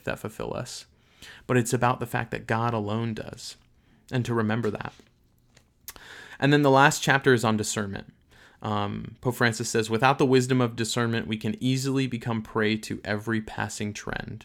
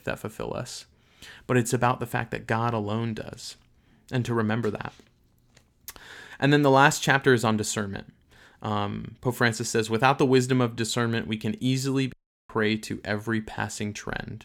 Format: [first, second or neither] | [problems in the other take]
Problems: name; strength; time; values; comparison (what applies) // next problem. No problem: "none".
first | audio cutting out; at 12 s